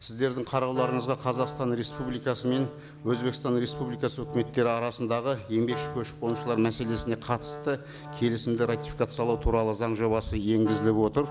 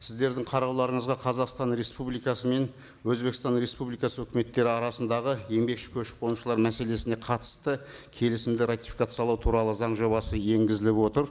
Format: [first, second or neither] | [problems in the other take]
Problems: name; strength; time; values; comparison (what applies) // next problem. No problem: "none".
second | background sound (Wind instrument, woodwind instrument); 12 dB below the speech